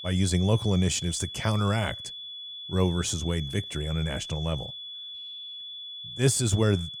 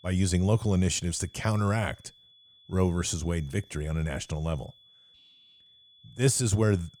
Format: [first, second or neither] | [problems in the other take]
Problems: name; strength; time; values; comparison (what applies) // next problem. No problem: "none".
second | high-pitched whine; loud; throughout; 3.5 kHz, 10 dB below the speech; faint in the second